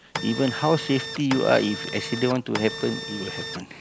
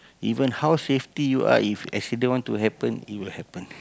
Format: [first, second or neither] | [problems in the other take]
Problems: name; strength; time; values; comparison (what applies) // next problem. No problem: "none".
second | background sound (Printer); 8 dB below the speech